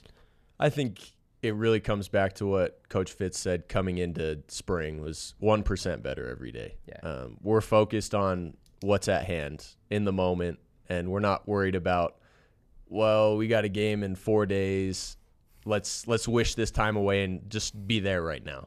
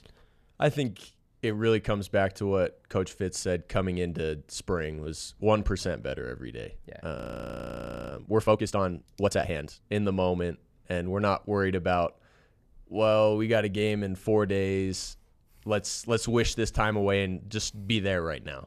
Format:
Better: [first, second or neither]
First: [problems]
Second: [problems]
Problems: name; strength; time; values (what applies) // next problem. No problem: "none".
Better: first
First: none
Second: audio freezing; at 7 s for 1 s